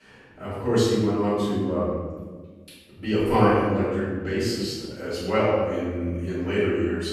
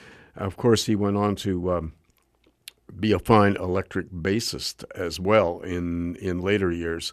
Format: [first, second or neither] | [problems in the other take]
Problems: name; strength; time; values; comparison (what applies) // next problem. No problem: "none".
second | off-mic speech; far // room echo; strong; dies away in 1.3 s